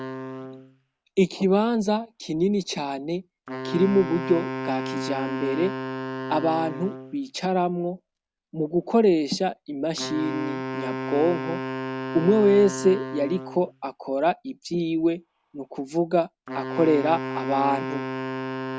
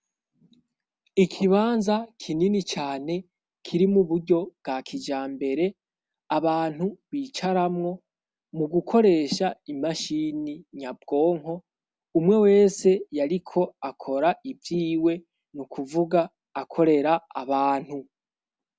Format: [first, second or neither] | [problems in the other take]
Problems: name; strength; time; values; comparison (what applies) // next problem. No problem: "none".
second | background sound (Wind instrument, woodwind instrument); 9 dB below the speech